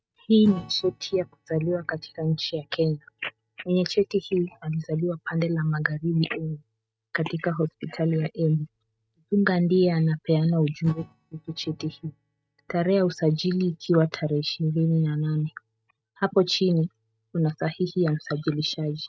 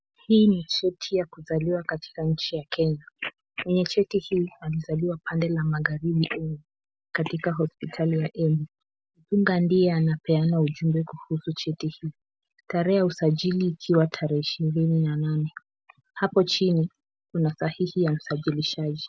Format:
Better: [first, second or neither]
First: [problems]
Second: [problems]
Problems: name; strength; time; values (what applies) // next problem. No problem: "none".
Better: second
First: noise reduction (neural mask model RNNoise)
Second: none